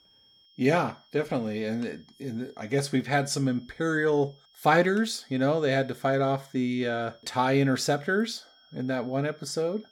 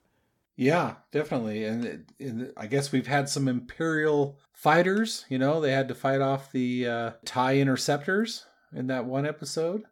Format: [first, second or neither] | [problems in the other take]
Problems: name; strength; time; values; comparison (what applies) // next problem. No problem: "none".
second | high-pitched whine; faint; throughout; 3.5 kHz, 30 dB below the speech